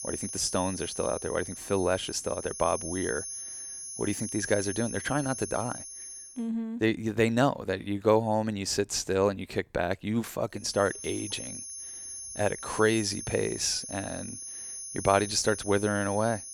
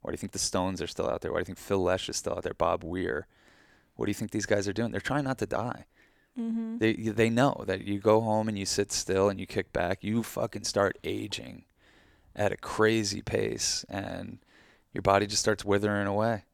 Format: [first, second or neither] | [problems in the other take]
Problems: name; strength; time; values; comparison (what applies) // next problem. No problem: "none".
second | high-pitched whine; loud; until 6.5 s and from 11 s on; 10.5 kHz, 8 dB below the speech